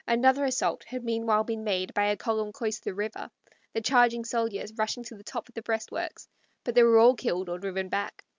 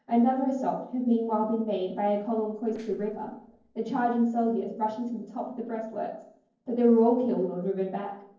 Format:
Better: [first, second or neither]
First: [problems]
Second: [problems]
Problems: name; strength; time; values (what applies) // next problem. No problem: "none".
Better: first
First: none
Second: noise reduction (neural separator model SepFormer DNS4)